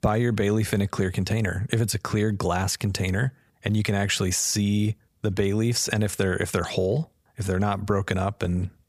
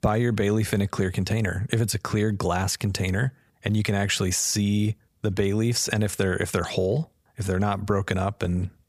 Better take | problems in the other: neither | none

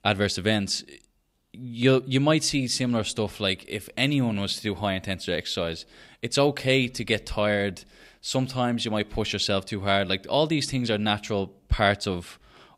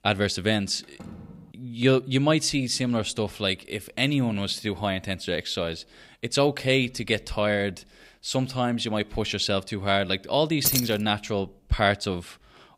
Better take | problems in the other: first | door banging; faint; at 1 s; peak 15 dB below the speech // jangling keys; loud; at 11 s; peak 2 dB above the speech

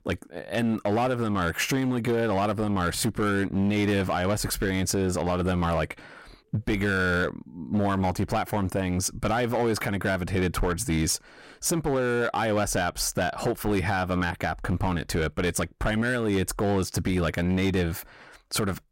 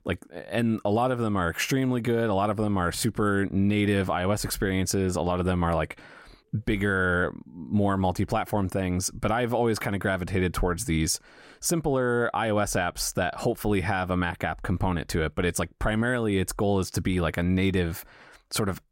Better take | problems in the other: second | distortion; slight; 11% of the sound clipped

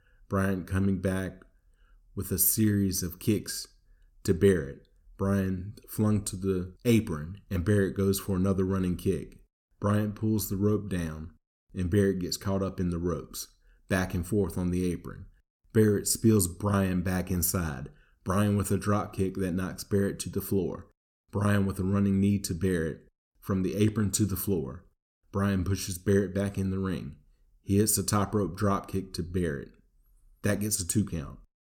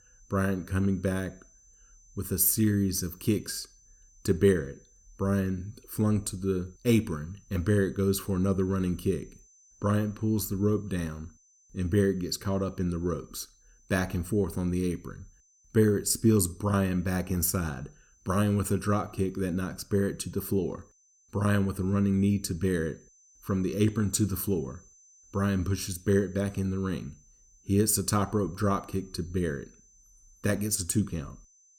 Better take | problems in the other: first | high-pitched whine; faint; throughout; 6 kHz, 30 dB below the speech

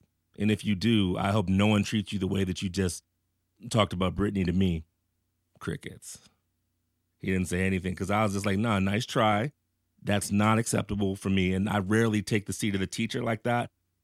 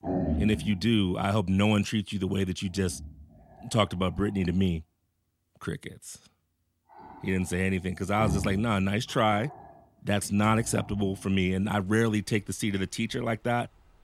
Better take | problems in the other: first | animal sounds; noticeable; throughout; 10 dB below the speech

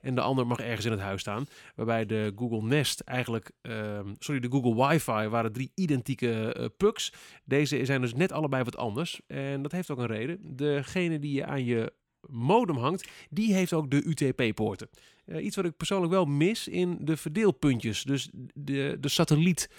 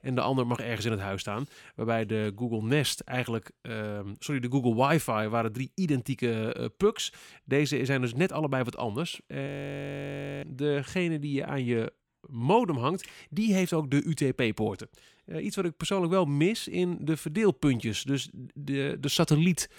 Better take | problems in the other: first | audio freezing; at 9.5 s for 1 s

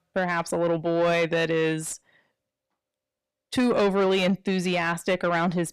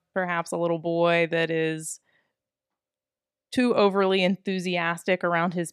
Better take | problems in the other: second | distortion; slight; 10 dB below the speech

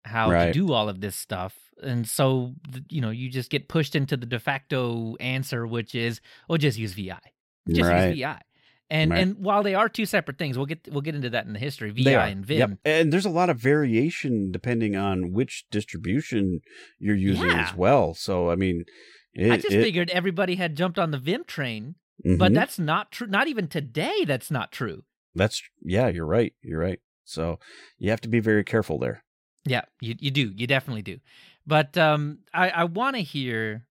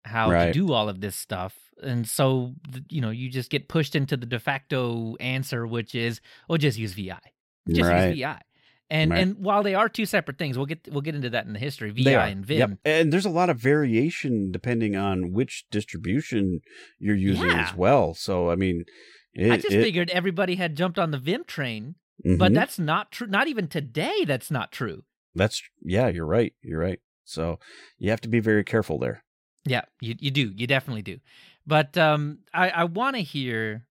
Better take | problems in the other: neither | none

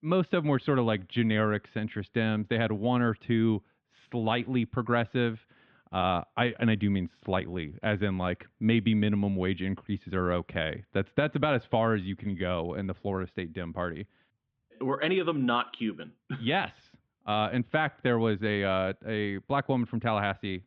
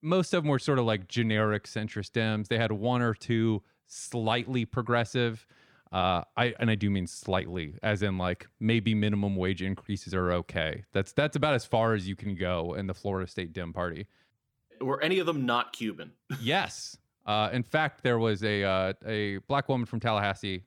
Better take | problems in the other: second | muffled; very slightly; fading above 3.5 kHz

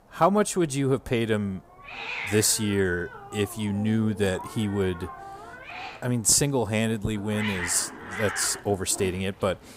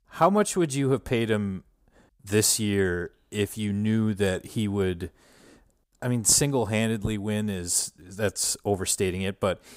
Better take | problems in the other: second | hiss; noticeable; throughout; 10 dB below the speech

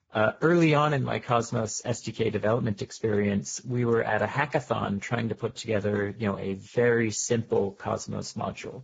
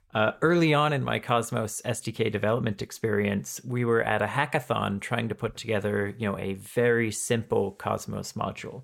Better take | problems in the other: second | garbled, watery; badly; nothing above 7.5 kHz

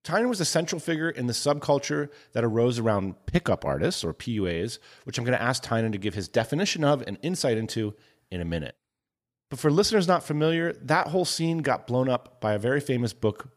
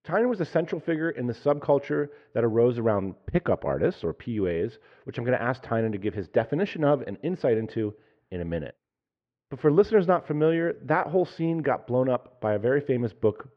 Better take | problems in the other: first | muffled; very; fading above 2.5 kHz

